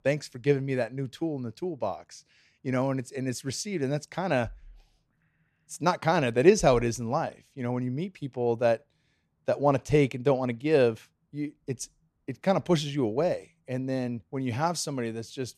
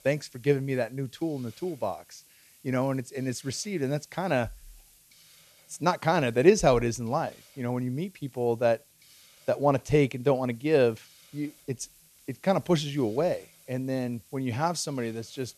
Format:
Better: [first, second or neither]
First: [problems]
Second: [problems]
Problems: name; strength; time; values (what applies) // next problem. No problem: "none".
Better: first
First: none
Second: hiss; faint; throughout; 25 dB below the speech